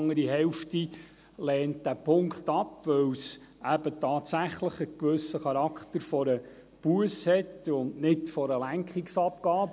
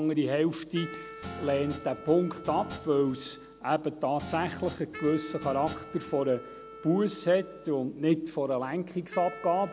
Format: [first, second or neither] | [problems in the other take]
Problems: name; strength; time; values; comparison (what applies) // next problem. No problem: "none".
first | background sound (Guitar + Wind instrument, woodwind instrument); 14 dB below the speech